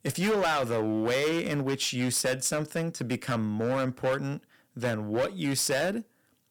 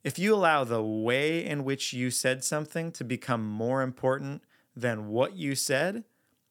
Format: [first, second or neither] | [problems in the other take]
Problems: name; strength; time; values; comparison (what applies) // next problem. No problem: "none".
second | distortion; heavy; 12% of the sound clipped